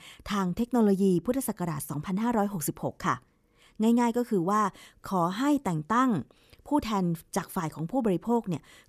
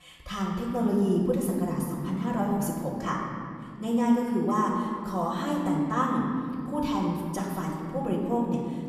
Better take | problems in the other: first | off-mic speech; far // room echo; noticeable; dies away in 2.3 s

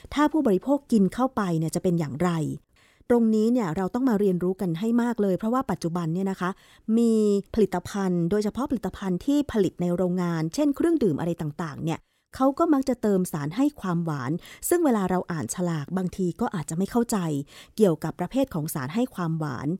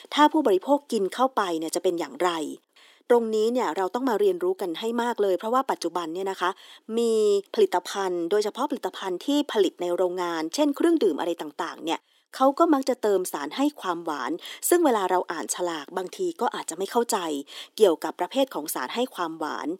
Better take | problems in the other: first | thin; somewhat; fading below 300 Hz

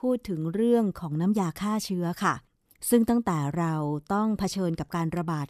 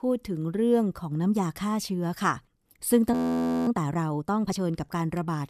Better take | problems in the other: first | audio freezing; at 3 s for 0.5 s

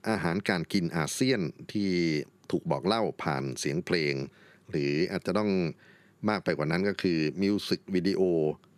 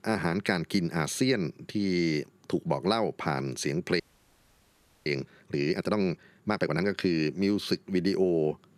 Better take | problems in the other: first | audio freezing; at 4 s for 1 s

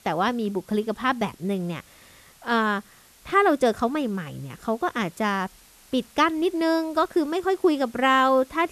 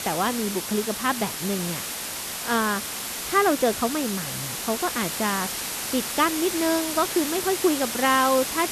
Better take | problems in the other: first | hiss; loud; throughout; 3 dB below the speech; faint in the first

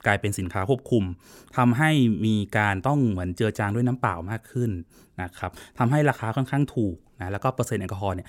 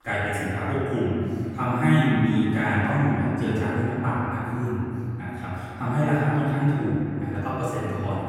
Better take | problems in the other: first | off-mic speech; far // room echo; strong; dies away in 2.9 s

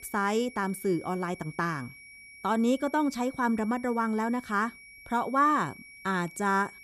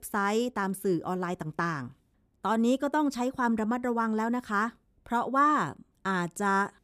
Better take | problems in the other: second | high-pitched whine; noticeable; throughout; 2.5 kHz, 20 dB below the speech

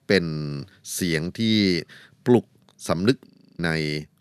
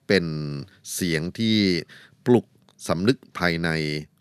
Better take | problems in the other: second | audio freezing; at 3.5 s

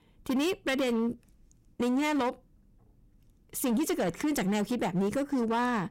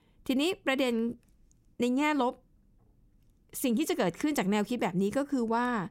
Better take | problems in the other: second | distortion; slight; 14% of the sound clipped

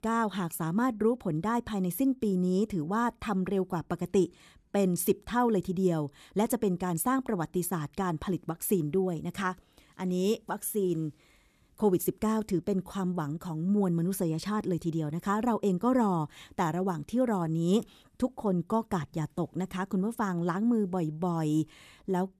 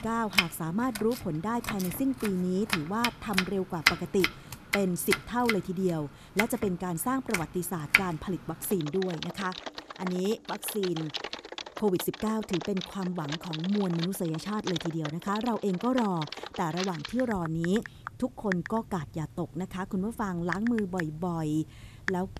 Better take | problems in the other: first | household noises; loud; throughout; 3 dB below the speech

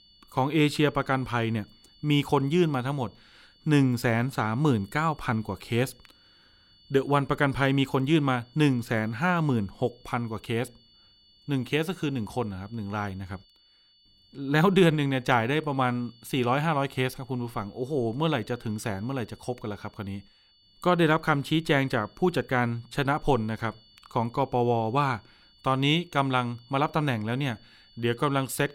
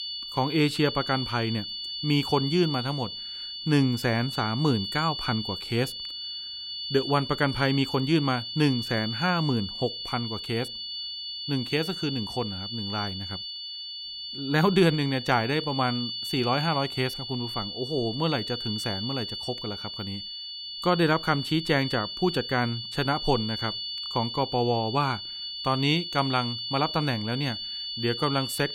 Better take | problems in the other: first | high-pitched whine; loud; throughout; 4.5 kHz, 5 dB below the speech; faint in the first

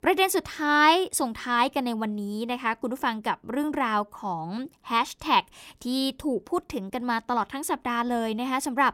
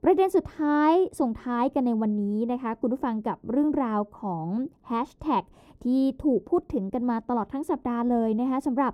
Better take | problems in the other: first | muffled; slightly; fading above 1 kHz

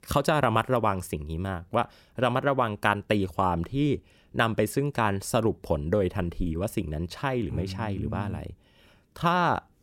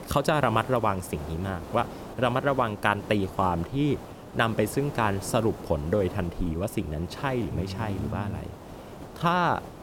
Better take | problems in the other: first | hiss; noticeable; throughout; 15 dB below the speech

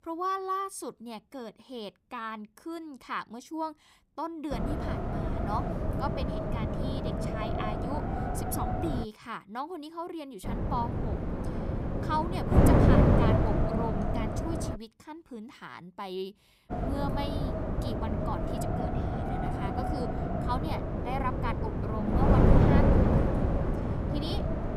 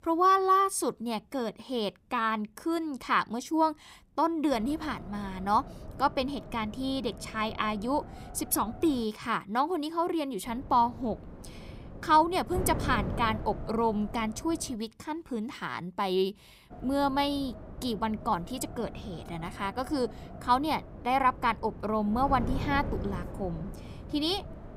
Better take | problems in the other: second | wind noise on the microphone; heavy; from 4.5 to 9 s, from 10 to 15 s and from 17 s on; 3 dB above the speech; occasional gusts in the second

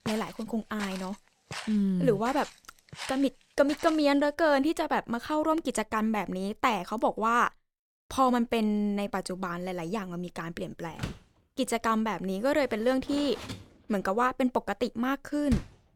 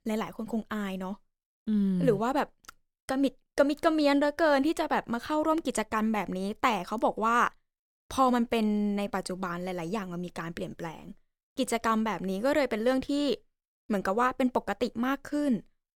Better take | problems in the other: second | footsteps; faint; until 4 s; peak 10 dB below the speech // door banging; noticeable; from 11 s on; peak 8 dB below the speech

